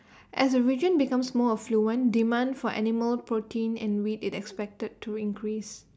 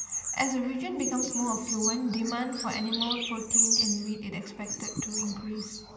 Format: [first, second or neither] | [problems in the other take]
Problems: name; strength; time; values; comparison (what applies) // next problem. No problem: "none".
first | background sound (Bird vocalization, bird call, bird song); as loud as the speech // room echo; dies away in 2 s